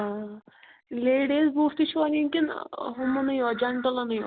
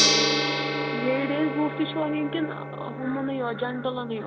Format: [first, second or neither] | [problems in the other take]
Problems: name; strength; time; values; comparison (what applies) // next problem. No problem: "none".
first | background sound (Gong); 1 dB above the speech